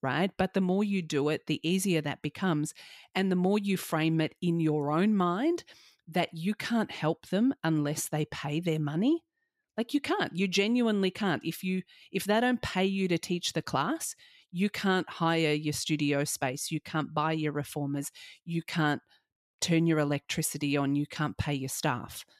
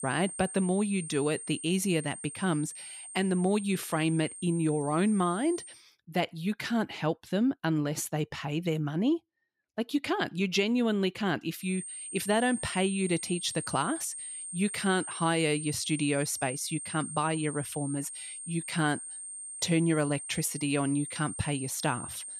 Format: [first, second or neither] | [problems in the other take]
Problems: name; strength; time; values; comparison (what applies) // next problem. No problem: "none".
first | high-pitched whine; loud; until 5.5 s and from 12 s on; 8.5 kHz, 8 dB below the speech